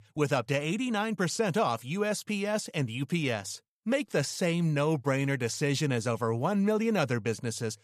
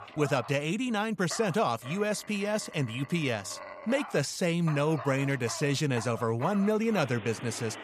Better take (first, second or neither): first